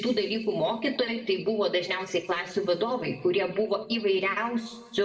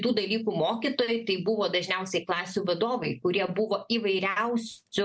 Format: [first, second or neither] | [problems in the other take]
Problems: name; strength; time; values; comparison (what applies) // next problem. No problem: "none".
second | room echo; dies away in 1.1 s